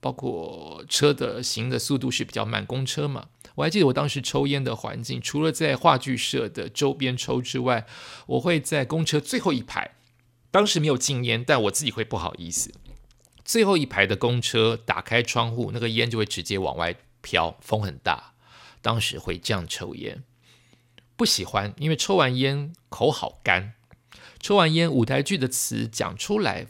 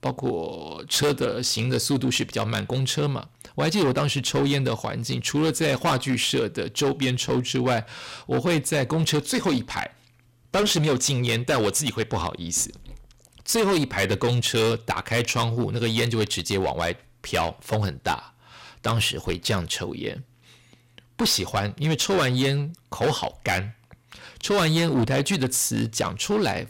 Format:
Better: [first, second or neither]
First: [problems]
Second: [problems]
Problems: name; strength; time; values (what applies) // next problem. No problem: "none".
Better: first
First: none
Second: distortion; heavy; 11% of the sound clipped